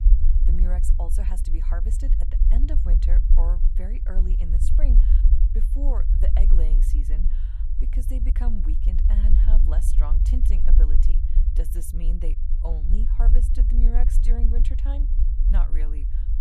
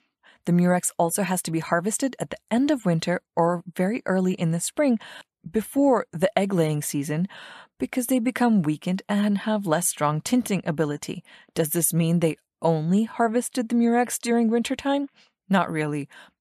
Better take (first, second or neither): second